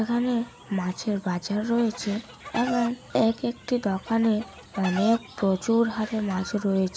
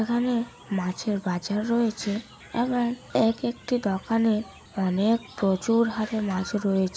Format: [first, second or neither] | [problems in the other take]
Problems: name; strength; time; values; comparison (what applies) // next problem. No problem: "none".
second | background sound (Chicken, rooster); 12 dB below the speech